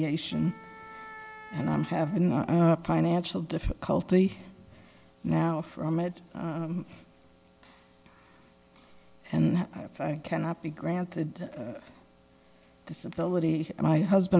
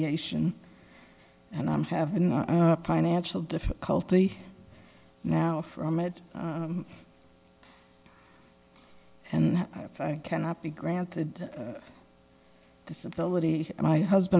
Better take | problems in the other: second | background sound (Wind instrument, woodwind instrument); 18 dB below the speech

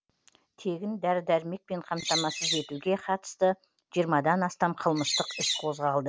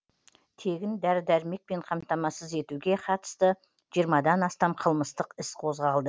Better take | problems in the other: second | background sound (Bird); 3 dB below the speech

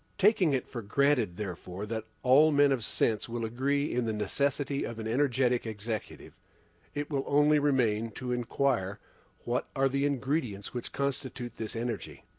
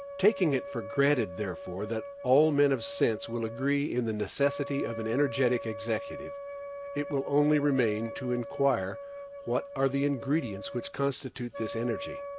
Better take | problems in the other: first | background sound (Wind instrument, woodwind instrument); 11 dB below the speech

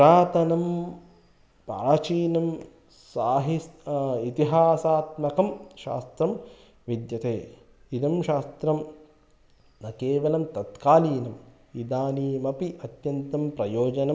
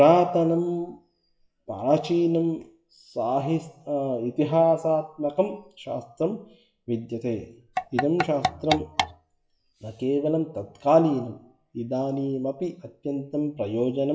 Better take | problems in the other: first | noise reduction (classical method WPE with log-MMSE)

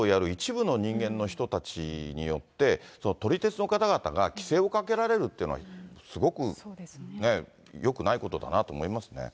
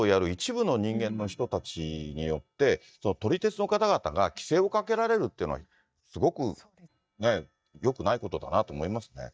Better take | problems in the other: first | noise reduction (neural mask model DeepFilterNet 3)

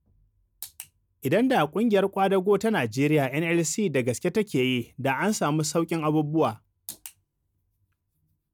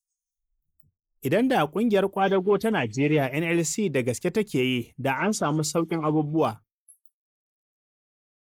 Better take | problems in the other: first | noise reduction (neural mask model Resemble Enhance denoiser)

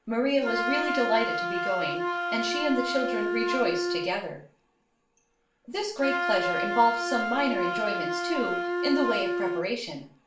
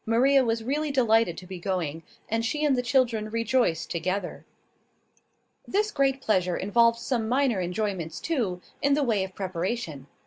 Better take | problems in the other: second | background sound (Wind instrument, woodwind instrument); 1 dB below the speech // room echo; dies away in 0.4 s

